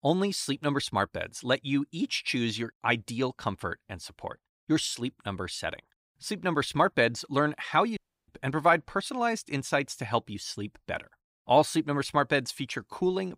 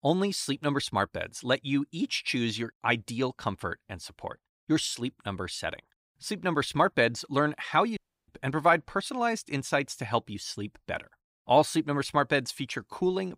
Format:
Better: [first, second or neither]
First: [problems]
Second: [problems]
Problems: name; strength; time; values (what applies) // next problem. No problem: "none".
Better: neither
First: audio cutting out; at 8 s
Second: audio cutting out; at 8 s